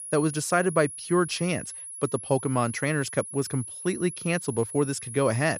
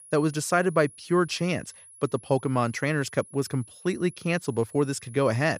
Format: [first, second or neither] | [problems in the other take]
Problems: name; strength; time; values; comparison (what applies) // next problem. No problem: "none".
second | high-pitched whine; loud; throughout; 10.5 kHz, 10 dB below the speech; faint in the second